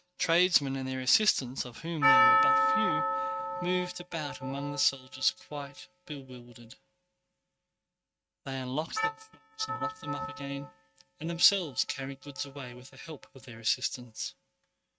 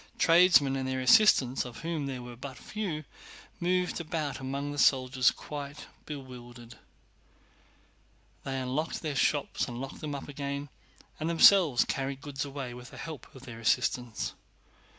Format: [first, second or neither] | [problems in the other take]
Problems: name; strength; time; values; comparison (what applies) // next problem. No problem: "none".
second | noise reduction (neural mask model RNNoise)